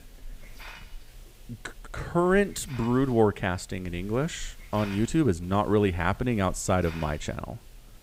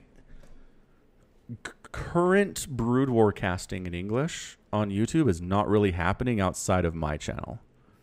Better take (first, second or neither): second